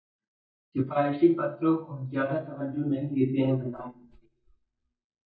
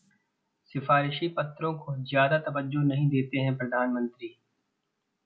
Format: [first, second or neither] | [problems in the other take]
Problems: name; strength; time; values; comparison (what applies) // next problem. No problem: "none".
second | noise reduction (neural mask model DeepFilterNet 3)